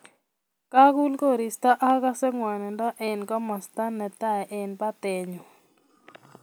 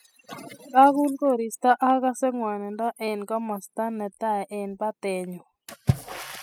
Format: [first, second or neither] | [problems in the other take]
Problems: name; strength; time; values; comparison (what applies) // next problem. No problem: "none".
first | noise reduction (classical method spectral subtraction)